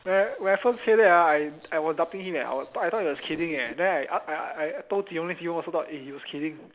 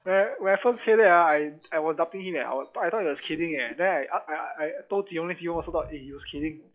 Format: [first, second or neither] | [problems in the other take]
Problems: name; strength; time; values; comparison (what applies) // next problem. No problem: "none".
first | noise reduction (classical method log-MMSE)